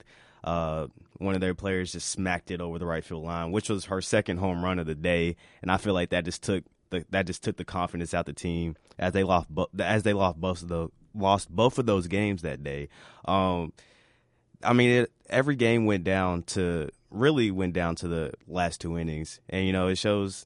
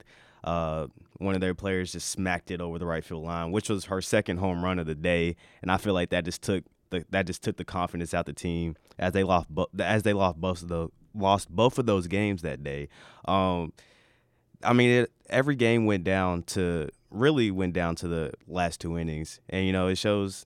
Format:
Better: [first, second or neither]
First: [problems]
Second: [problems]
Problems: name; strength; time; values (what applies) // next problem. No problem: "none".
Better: second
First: garbled, watery; slightly; nothing above 10.5 kHz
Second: none